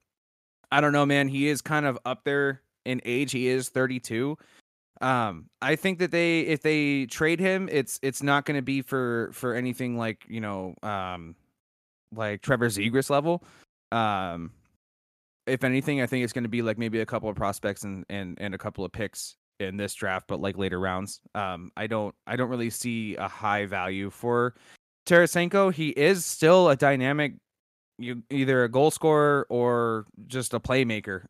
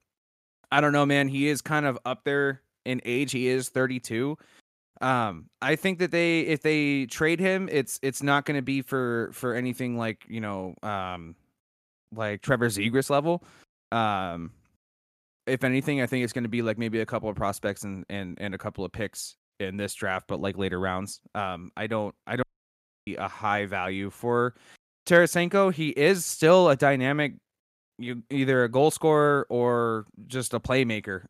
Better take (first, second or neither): first